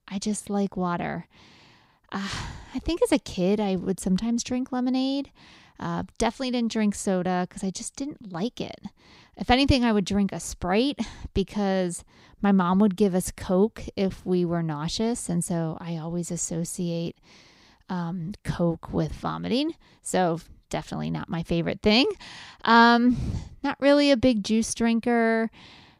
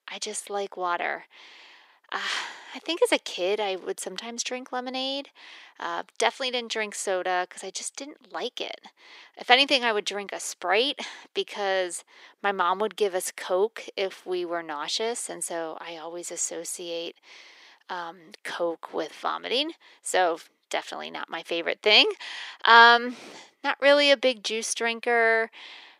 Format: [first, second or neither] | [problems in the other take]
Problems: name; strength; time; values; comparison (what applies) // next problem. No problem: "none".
first | thin; very; fading below 400 Hz